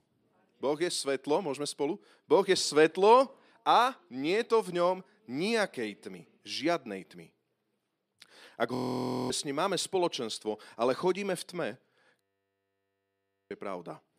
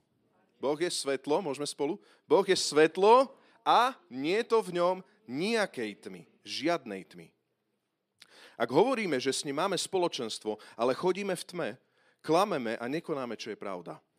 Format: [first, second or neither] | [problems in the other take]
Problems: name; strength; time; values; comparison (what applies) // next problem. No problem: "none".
second | audio freezing; at 9 s for 0.5 s and at 12 s for 1.5 s